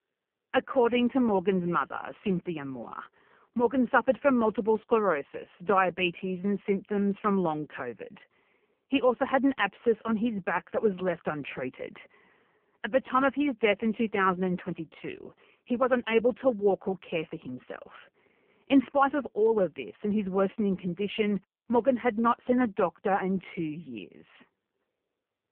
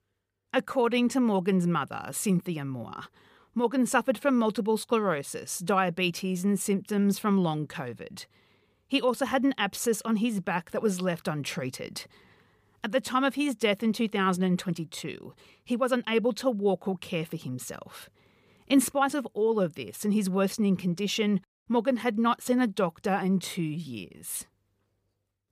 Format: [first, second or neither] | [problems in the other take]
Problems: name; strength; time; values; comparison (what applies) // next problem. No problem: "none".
second | phone-call audio; poor line; nothing above 3 kHz